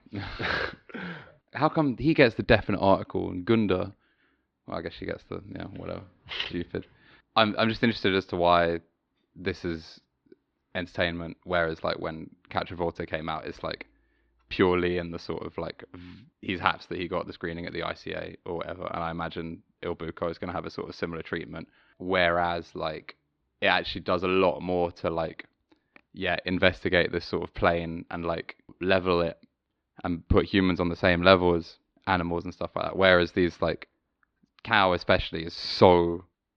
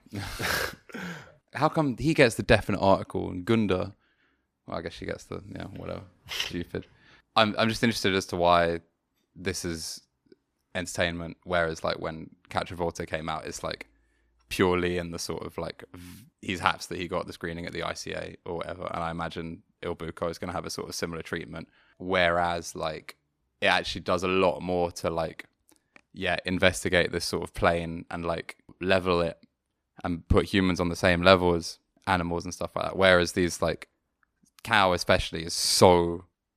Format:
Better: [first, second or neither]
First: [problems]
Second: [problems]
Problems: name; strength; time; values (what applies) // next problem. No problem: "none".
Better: second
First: muffled; very slightly; fading above 4 kHz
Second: none